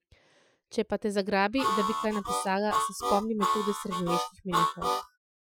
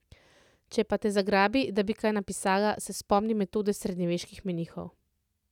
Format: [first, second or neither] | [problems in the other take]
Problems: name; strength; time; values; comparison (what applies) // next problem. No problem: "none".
second | noise reduction (classical method Wiener filter)